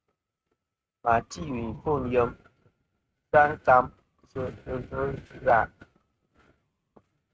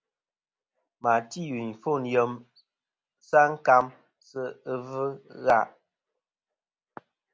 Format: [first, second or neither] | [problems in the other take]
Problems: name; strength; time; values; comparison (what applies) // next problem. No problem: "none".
second | noise reduction (neural mask model RNNoise)